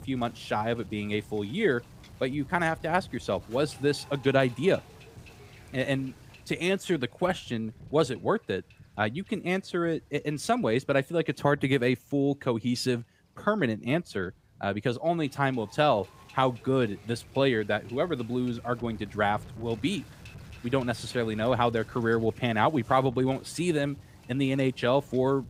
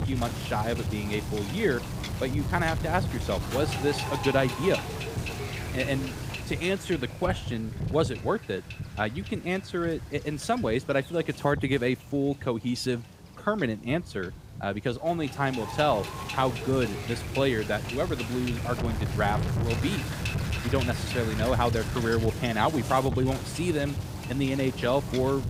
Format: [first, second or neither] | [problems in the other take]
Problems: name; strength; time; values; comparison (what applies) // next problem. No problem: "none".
first | wind noise on the microphone; heavy; 7 dB below the speech; occasional gusts in the first